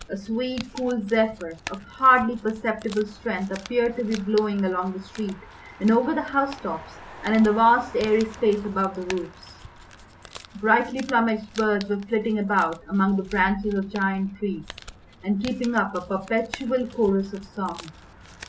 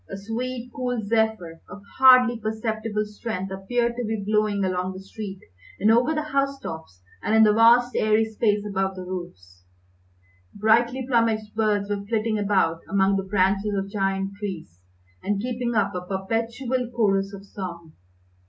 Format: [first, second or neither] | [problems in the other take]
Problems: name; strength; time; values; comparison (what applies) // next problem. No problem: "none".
second | background sound (Crumpling, crinkling + Motor vehicle (road)); 18 dB below the speech